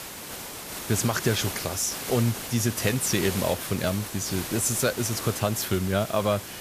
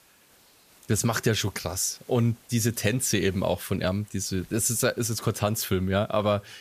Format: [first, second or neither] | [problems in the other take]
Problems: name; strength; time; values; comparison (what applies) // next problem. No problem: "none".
second | hiss; loud; throughout; 7 dB below the speech; faint in the second